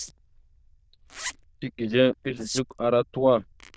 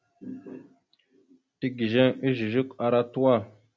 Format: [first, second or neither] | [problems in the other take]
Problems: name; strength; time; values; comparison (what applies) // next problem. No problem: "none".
second | noise reduction (neural diffusion model UNIVERSE++)